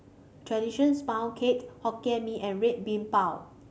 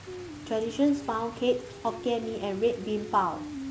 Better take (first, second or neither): first